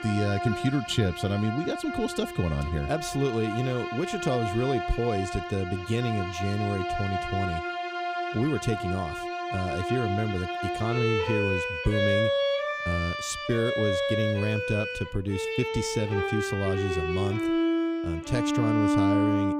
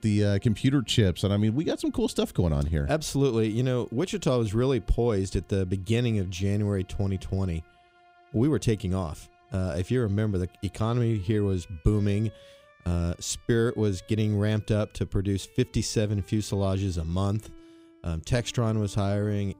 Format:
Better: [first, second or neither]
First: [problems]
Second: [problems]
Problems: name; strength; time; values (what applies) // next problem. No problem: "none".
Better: second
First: background music; loud; throughout; as loud as the speech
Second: background music; faint; throughout; 30 dB below the speech